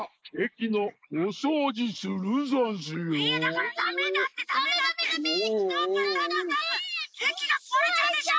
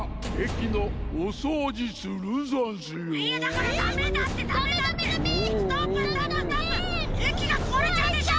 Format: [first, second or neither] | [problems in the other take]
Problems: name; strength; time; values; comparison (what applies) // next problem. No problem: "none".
second | noise reduction (neural mask model Resemble Enhance denoiser)